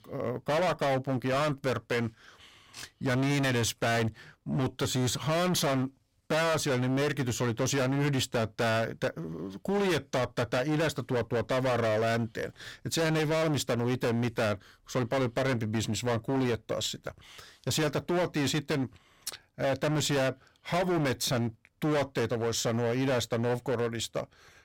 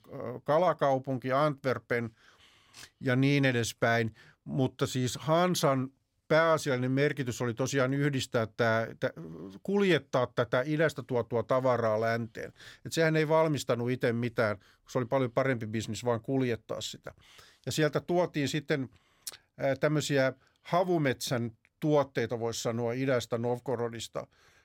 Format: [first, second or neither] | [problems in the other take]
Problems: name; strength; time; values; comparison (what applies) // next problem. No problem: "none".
second | distortion; heavy; 23% of the sound clipped